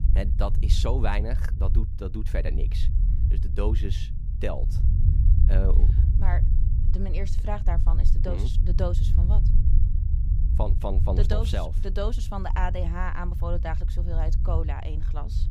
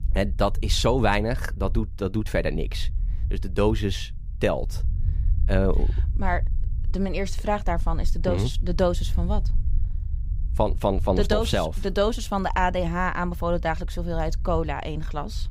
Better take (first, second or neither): second